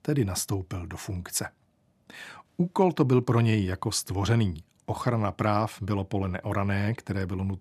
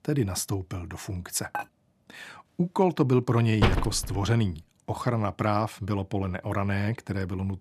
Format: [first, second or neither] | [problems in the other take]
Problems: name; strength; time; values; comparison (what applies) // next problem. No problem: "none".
first | clattering dishes; noticeable; at 1.5 s; peak 9 dB below the speech // door banging; loud; at 3.5 s; peak 2 dB above the speech